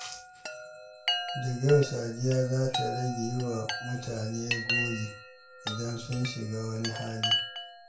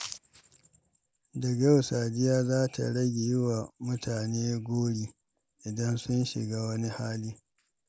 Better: second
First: background sound (Chime); 4 dB below the speech // room echo; dies away in 0.3 s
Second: none

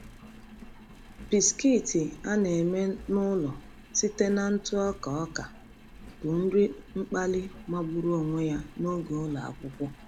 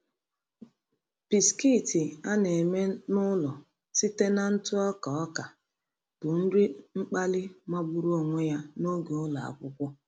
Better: second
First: background sound (Engine); 18 dB below the speech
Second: none

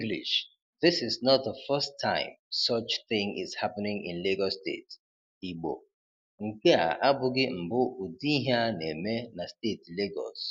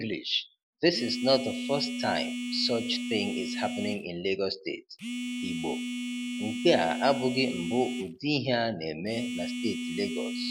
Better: first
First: none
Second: background sound (Telephone); 5 dB below the speech

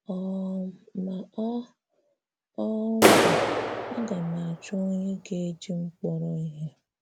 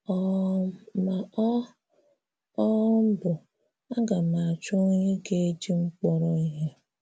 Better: second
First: background sound (Clapping); 5 dB above the speech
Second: none

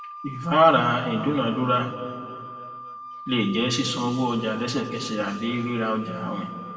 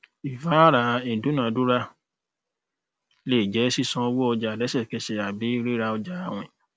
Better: second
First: background sound (Wind instrument, woodwind instrument); 14 dB below the speech // room echo; dies away in 2.2 s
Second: none

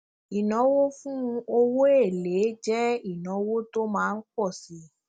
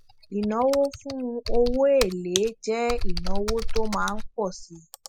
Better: first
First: none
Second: noise reduction (classical method spectral subtraction)

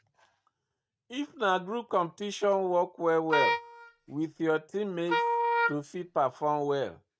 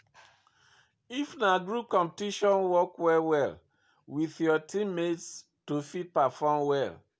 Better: second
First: noise reduction (neural mask model RNNoise)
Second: none

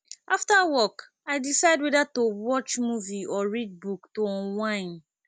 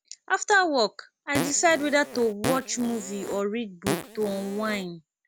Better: first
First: none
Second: background sound (Fart); 8 dB below the speech

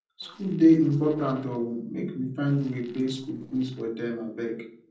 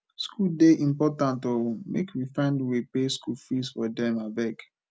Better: second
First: noise reduction (neural separator model SepFormer DNS4)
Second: none

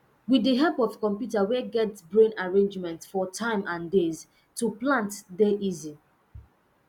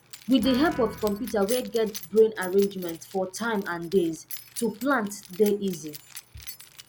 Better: first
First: none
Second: background sound (Guitar + Keys jangling); 15 dB below the speech

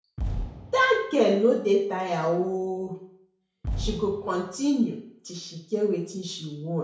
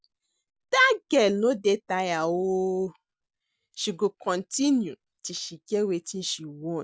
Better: second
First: background sound (Fireworks); 11 dB below the speech // room echo; dies away in 0.6 s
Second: none

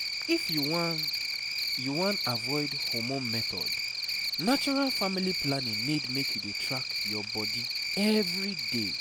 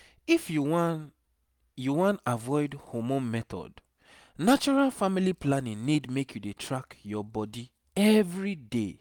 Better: second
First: background sound (Cricket); 1 dB above the speech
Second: none

